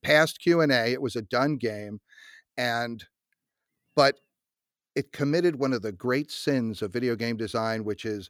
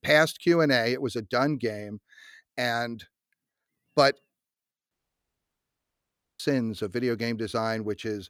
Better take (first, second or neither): first